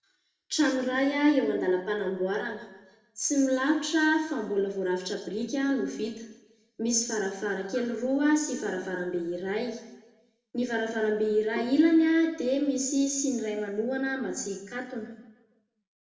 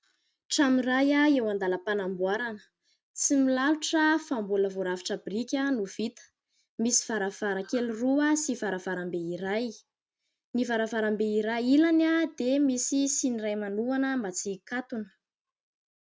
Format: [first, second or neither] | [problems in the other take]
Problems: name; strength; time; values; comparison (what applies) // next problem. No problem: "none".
second | background sound (Bowed string instrument); 16 dB below the speech // room echo; dies away in 0.8 s